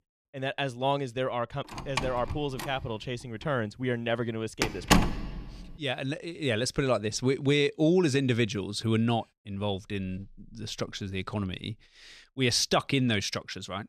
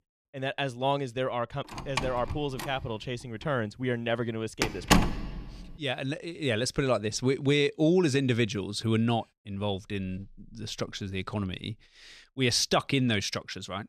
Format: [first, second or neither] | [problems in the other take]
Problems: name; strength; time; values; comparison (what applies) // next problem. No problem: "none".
neither | door banging; loud; from 2 to 5.5 s; peak 6 dB above the speech; the same in both